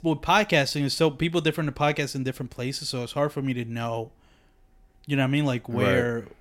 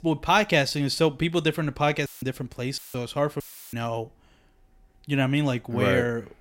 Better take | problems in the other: first | audio cutting out; filled with static; at 2 s, at 3 s and at 3.5 s

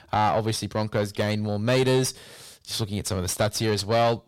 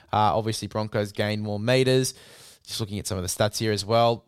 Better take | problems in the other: second | distortion; slight; 9 dB below the speech

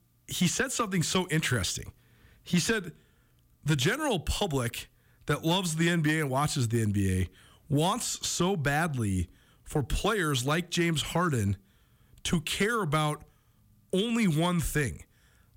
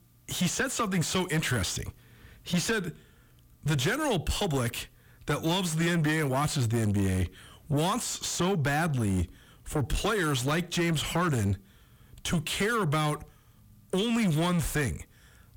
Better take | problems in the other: first | distortion; slight; 10 dB below the speech

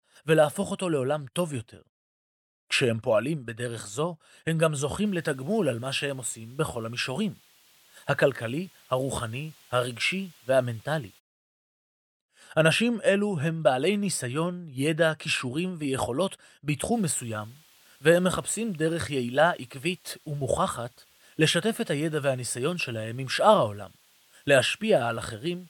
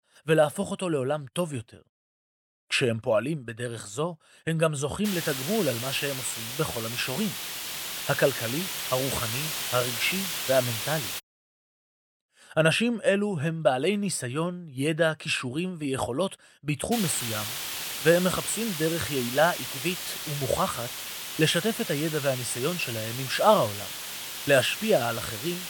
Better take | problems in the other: first | hiss; loud; from 5 to 11 s and from 17 s on; 4 dB below the speech; faint in the first

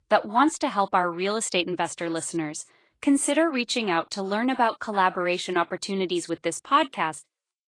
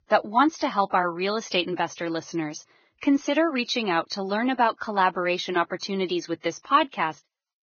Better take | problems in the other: first | garbled, watery; badly; nothing above 6.5 kHz; slightly in the first

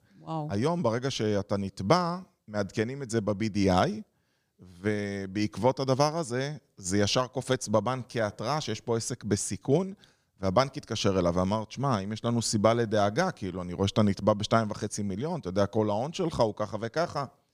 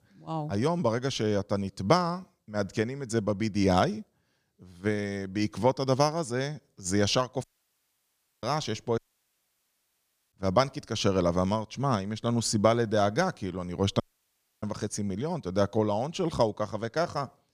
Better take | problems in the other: first | audio cutting out; at 7.5 s for 1 s, at 9 s for 1.5 s and at 14 s for 0.5 s

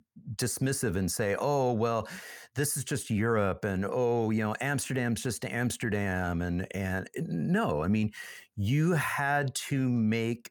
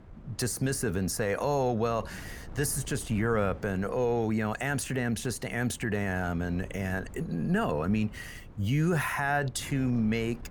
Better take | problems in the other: first | wind noise on the microphone; occasional gusts; 25 dB below the speech

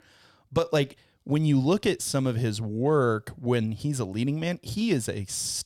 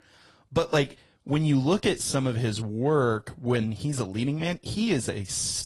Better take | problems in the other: first | garbled, watery; slightly

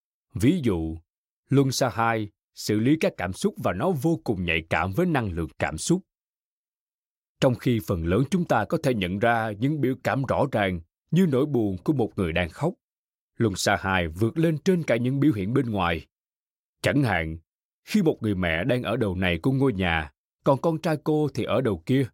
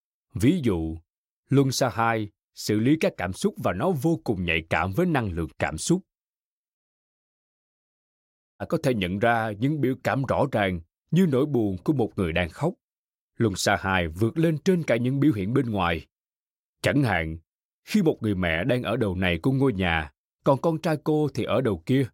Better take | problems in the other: first | audio cutting out; at 7 s for 2 s

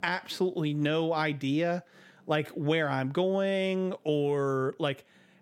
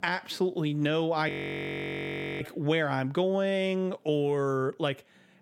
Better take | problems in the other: first | audio freezing; at 1.5 s for 1 s

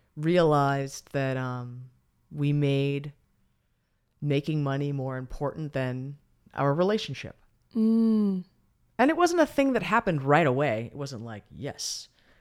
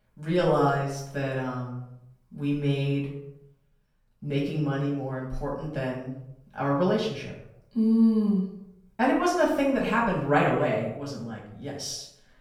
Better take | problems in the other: first | room echo; noticeable; dies away in 0.6 s // off-mic speech; far

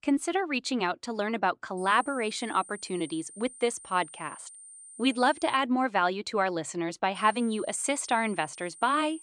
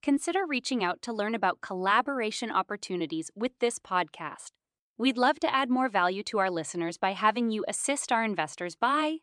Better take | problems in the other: second | high-pitched whine; noticeable; from 2 to 5.5 s and from 7 s on; 9 kHz, 20 dB below the speech

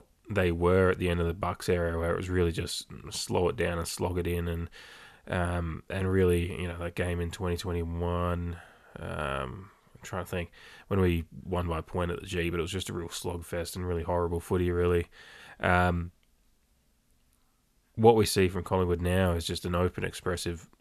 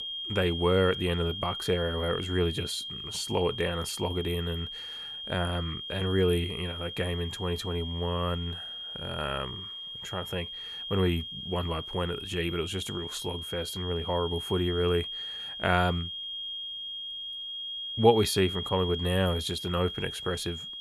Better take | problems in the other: first | high-pitched whine; loud; throughout; 3 kHz, 6 dB below the speech

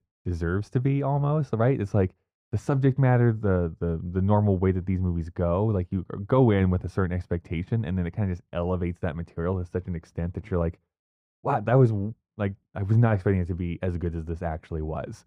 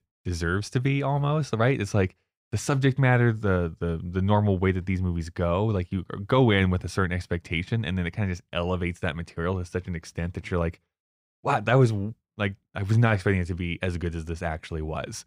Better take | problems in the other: second | muffled; slightly; fading above 1.5 kHz

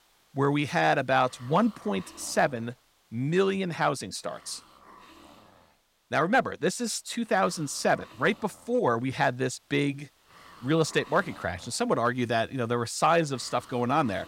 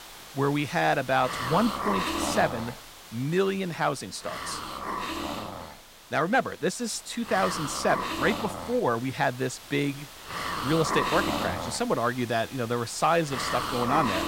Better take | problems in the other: first | hiss; loud; throughout; 5 dB below the speech; faint in the first

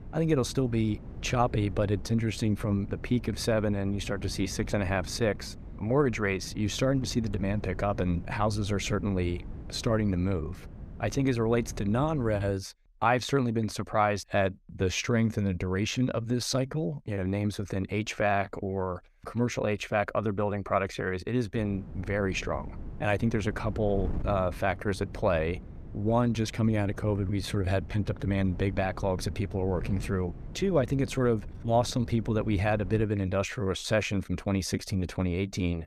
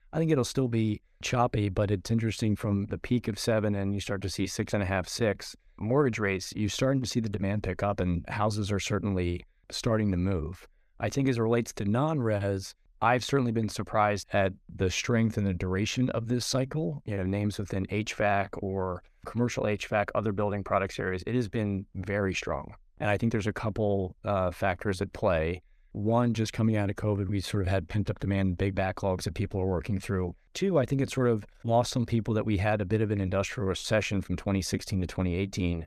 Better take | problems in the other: second | wind noise on the microphone; occasional gusts; until 13 s and from 22 to 33 s; 20 dB below the speech

